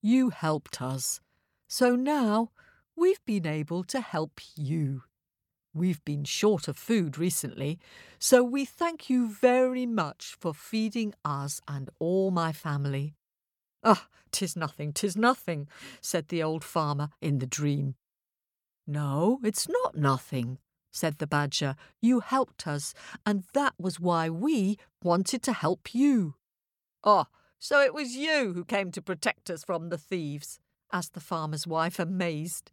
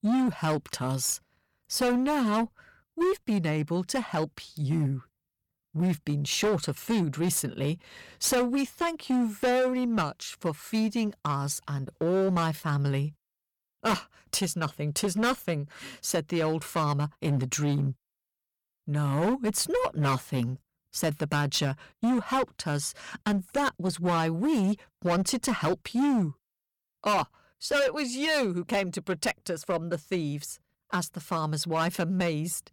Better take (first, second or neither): first